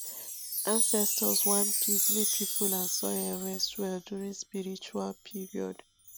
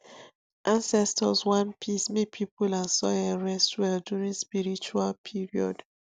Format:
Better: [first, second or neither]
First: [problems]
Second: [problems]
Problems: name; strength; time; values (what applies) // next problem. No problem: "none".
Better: second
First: background sound (Chime); 3 dB above the speech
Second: none